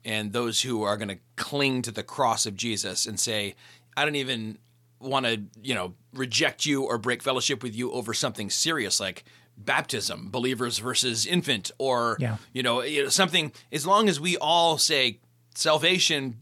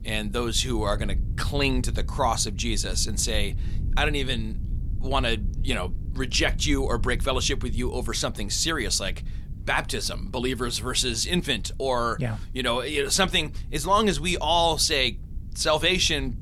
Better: first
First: none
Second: low rumble; faint; throughout; 25 dB below the speech

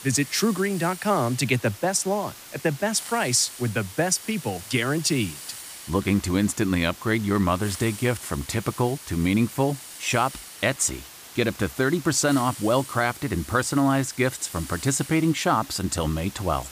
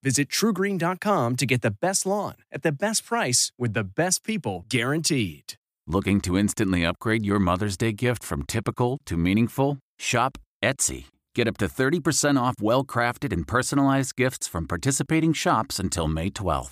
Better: second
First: hiss; noticeable; throughout; 15 dB below the speech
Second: none

